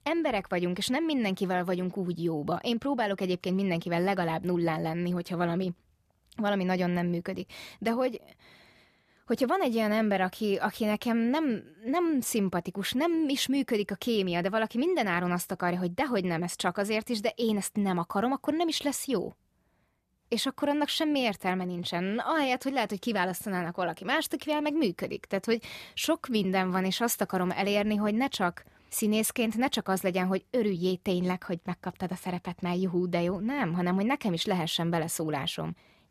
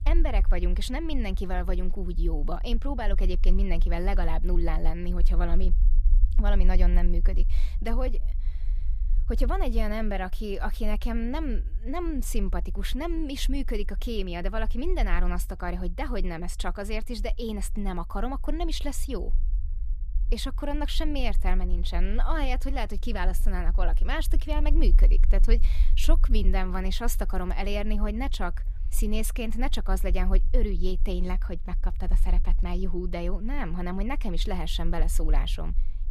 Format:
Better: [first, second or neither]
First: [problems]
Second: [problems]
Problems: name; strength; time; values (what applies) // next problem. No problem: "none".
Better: first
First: none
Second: low rumble; faint; throughout; 20 dB below the speech